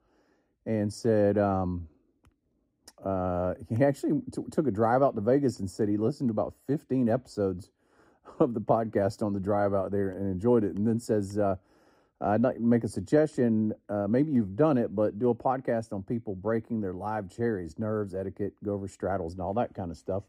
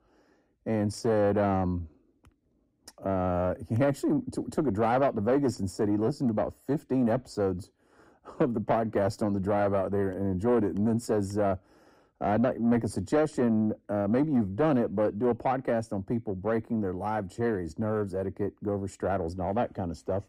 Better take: first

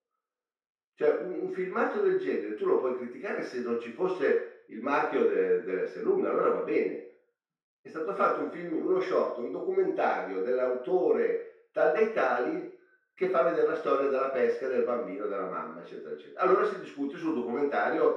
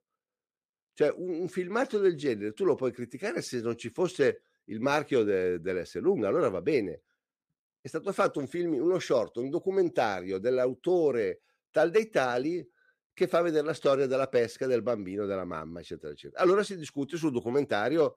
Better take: second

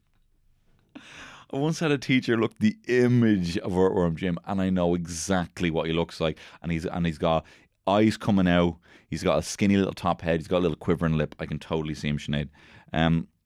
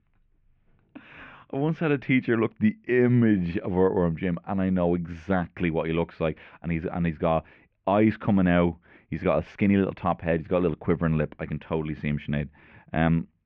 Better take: first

